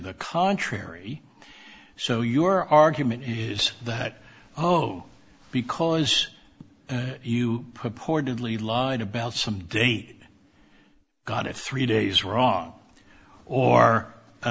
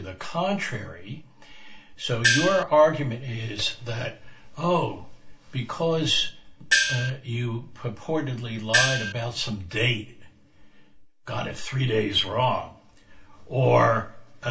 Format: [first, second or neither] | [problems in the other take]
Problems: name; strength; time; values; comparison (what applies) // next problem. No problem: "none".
first | background sound (Gong); 4 dB above the speech // room echo; dies away in 0.3 s